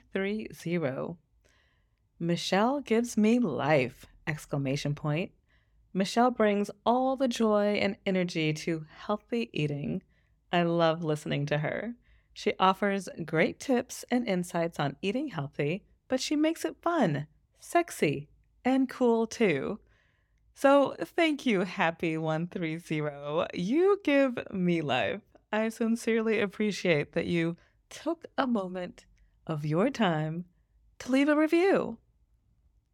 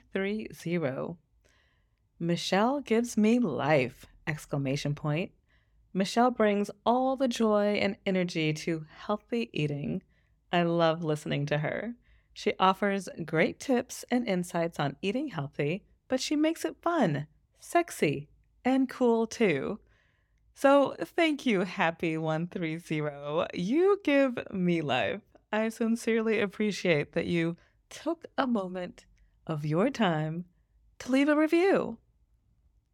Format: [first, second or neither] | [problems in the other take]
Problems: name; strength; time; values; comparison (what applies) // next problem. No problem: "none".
neither | none